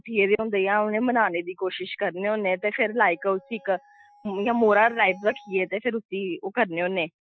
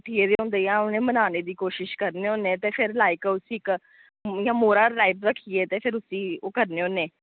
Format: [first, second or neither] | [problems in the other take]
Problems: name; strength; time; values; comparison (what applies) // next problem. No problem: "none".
second | noise reduction (classical method Wiener filter)